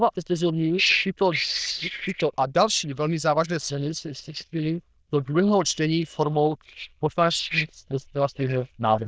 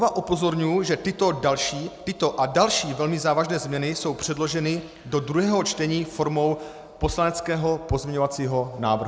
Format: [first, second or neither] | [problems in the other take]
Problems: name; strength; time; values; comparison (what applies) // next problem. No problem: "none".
second | noise reduction (neural diffusion model UNIVERSE++)